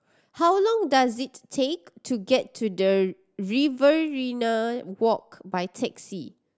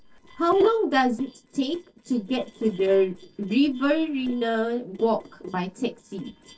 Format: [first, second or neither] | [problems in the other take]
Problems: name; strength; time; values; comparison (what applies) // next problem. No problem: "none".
first | noise reduction (neural separator model SepFormer DNS4)